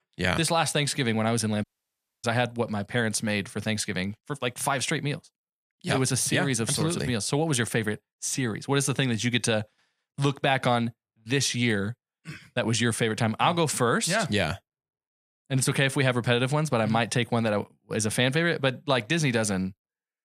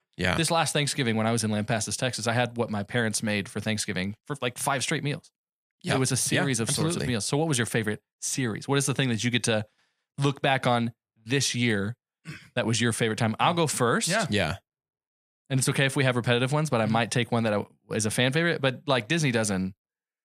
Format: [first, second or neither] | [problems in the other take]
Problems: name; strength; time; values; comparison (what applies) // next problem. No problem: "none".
second | audio cutting out; at 1.5 s for 0.5 s